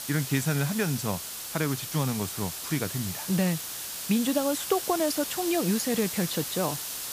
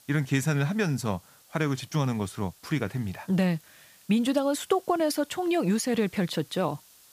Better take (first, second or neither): second